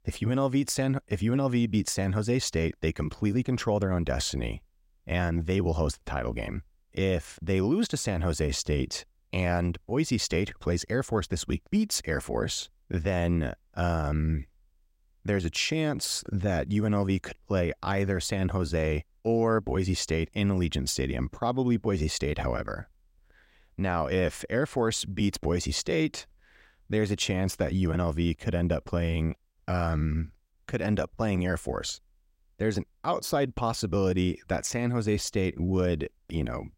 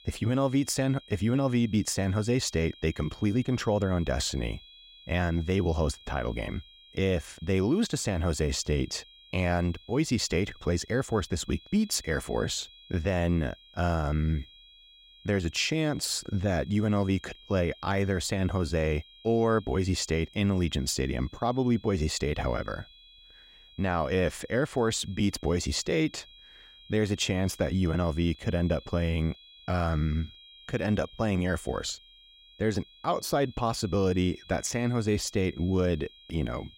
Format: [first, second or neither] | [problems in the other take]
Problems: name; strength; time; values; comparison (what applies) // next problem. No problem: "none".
first | high-pitched whine; faint; throughout; 3.5 kHz, 25 dB below the speech